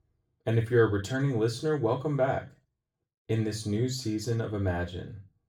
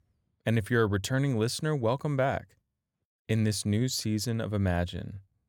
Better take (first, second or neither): second